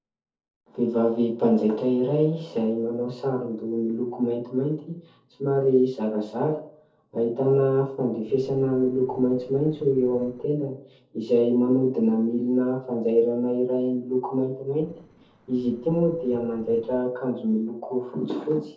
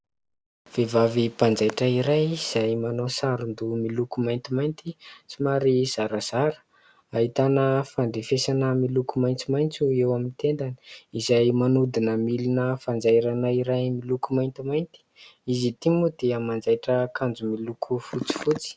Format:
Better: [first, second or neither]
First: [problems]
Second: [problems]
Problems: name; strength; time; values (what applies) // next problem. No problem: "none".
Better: second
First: noise reduction (neural separator model SepFormer DNS4)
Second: none